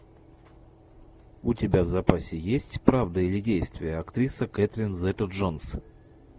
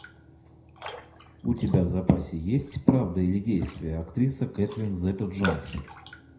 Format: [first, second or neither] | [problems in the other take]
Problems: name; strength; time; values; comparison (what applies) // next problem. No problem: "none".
first | background sound (Raindrop); 15 dB below the speech // room echo; dies away in 0.5 s